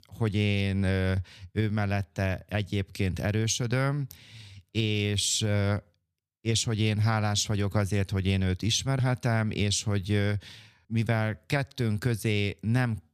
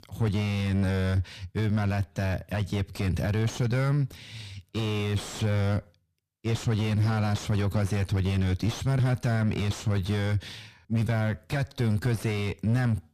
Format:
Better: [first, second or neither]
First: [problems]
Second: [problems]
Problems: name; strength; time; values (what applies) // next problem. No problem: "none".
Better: first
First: none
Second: distortion; heavy; 6 dB below the speech